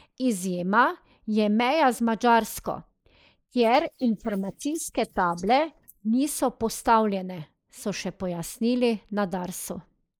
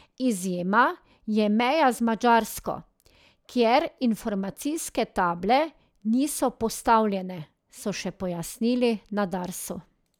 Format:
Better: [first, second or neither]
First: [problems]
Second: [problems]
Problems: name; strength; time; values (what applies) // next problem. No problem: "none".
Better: second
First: noise reduction (neural mask model Resemble Enhance denoiser)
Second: none